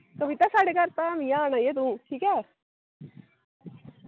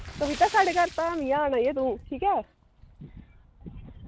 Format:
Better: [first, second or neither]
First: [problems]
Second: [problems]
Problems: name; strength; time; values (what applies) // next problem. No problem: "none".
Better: first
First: none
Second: background sound (Splash, splatter + Rattle); 16 dB below the speech